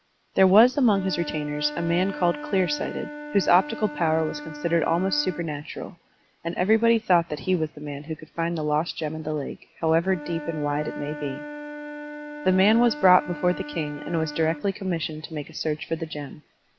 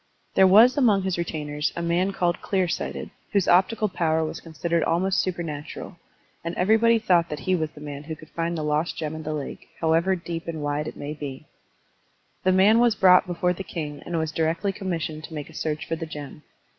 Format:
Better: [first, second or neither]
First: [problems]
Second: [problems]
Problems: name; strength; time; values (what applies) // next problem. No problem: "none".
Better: second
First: background sound (Wind instrument, woodwind instrument); 13 dB below the speech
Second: none